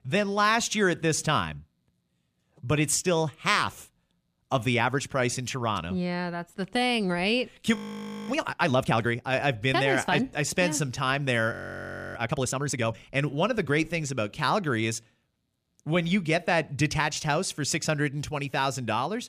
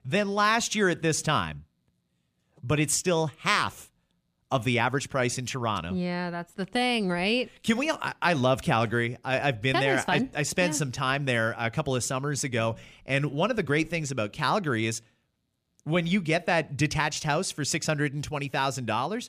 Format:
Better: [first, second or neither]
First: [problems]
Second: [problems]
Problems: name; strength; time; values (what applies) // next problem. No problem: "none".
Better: second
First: audio freezing; at 8 s for 0.5 s and at 12 s for 0.5 s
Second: none